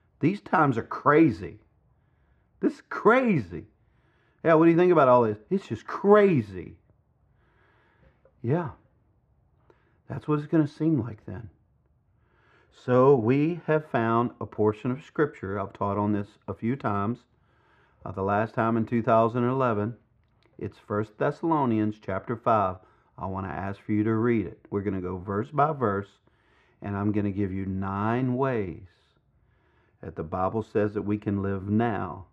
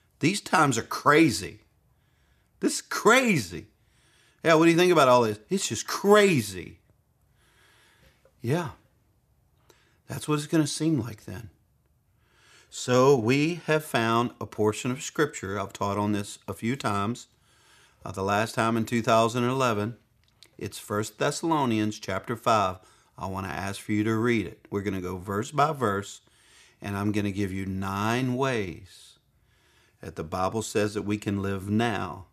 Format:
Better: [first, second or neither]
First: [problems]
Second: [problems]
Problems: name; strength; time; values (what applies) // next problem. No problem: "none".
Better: second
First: muffled; very; fading above 3.5 kHz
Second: none